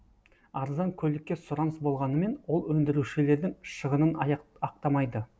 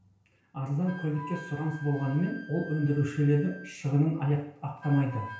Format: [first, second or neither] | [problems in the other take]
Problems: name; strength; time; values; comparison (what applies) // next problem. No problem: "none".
first | background sound (Wind instrument, woodwind instrument); 17 dB below the speech // room echo; dies away in 0.5 s